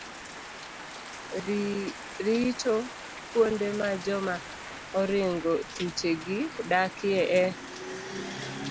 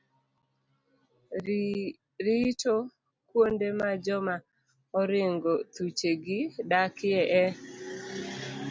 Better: second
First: background sound (Rain); 12 dB below the speech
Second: none

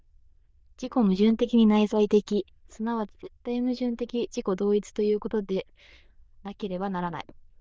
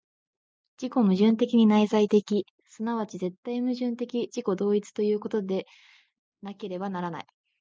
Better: second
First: noise reduction (neural diffusion model UNIVERSE++)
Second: none

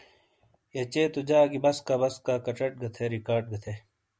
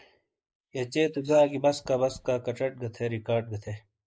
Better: first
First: none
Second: noise reduction (neural mask model Resemble Enhance denoiser)

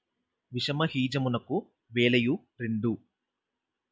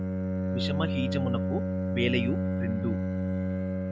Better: first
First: none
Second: background sound (Bowed string instrument); 5 dB above the speech

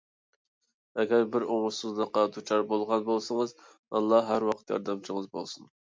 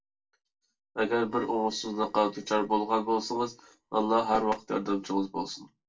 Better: first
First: none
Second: noise reduction (neural separator model SepFormer DNS4)

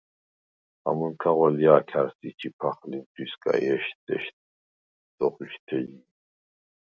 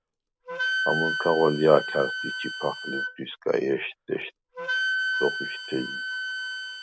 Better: first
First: none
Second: background sound (Wind instrument, woodwind instrument); 3 dB below the speech

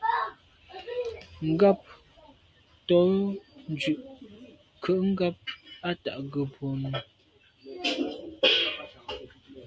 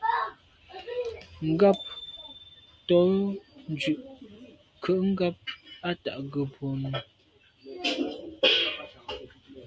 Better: first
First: none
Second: background sound (Bicycle bell); 19 dB below the speech

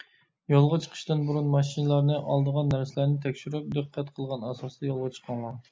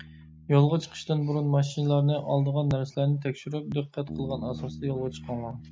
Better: first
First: none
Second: noise reduction (neural mask model RNNoise)

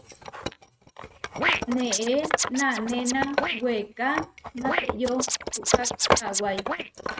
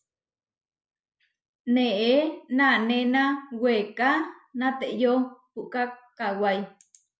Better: second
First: noise reduction (neural mask model RNNoise)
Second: none

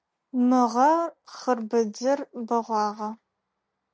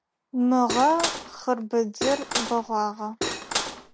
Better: first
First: none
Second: background sound (Cutlery, silverware / Dishes, pots, and pans); 4 dB below the speech

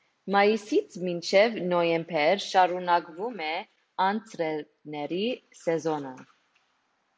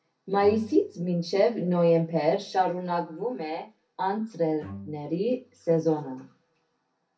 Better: first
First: none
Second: background sound (Bowed string instrument); 20 dB below the speech // room echo; dies away in 0.3 s

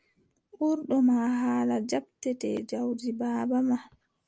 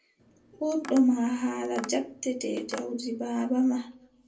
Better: first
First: none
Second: background sound (Tap); 19 dB below the speech // room echo; dies away in 0.2 s

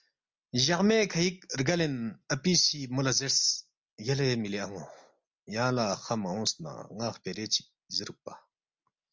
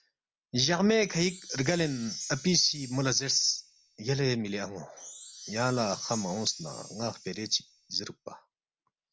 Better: first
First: none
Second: background sound (Chime); 14 dB below the speech

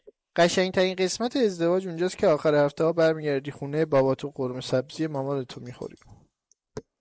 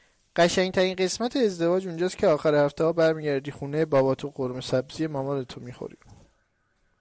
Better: second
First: noise reduction (neural mask model Resemble Enhance denoiser)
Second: none

